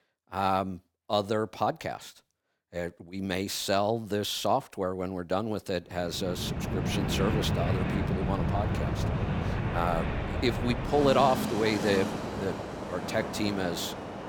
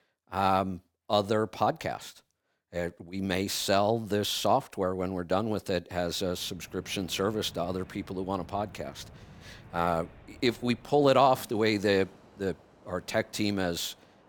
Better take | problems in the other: second | train or aircraft noise; loud; from 6.5 s on; 1 dB below the speech; faint in the second

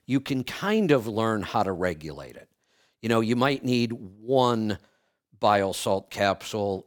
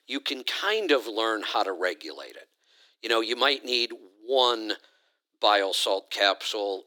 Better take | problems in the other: first | thin; somewhat; fading below 300 Hz

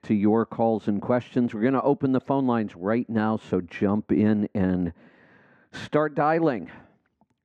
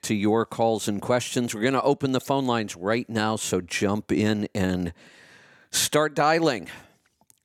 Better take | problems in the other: second | muffled; very; fading above 1.5 kHz

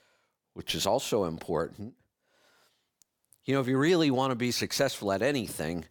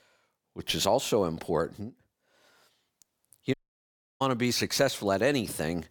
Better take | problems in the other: first | audio cutting out; at 3.5 s for 0.5 s

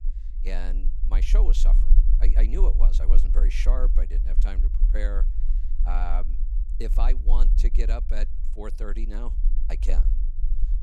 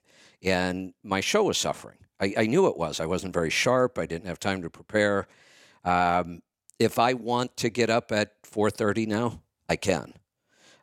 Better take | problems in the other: second | low rumble; noticeable; throughout; 10 dB below the speech

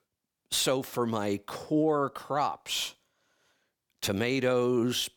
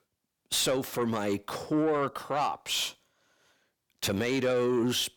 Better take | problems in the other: first | distortion; slight; 10 dB below the speech

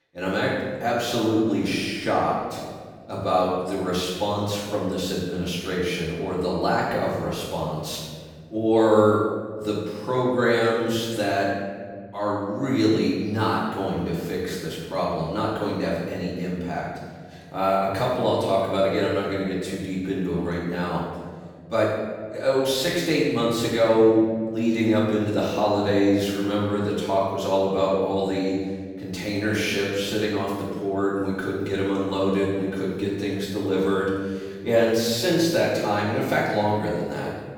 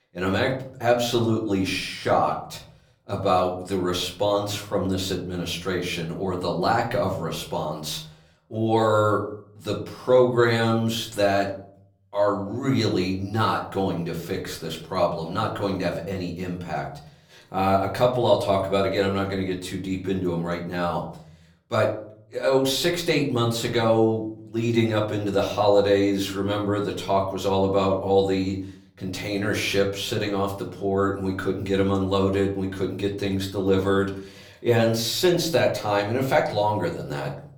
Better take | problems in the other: second | room echo; strong; dies away in 1.7 s; slight in the second // off-mic speech; far; far in the second

